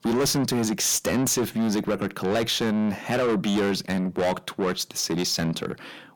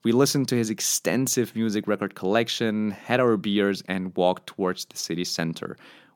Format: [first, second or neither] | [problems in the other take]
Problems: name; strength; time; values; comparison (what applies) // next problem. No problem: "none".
second | distortion; heavy; 6 dB below the speech